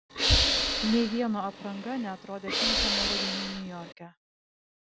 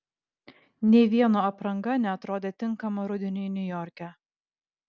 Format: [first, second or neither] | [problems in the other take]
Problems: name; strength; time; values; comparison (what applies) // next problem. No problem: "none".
second | background sound (Hiss / Breathing); 5 dB above the speech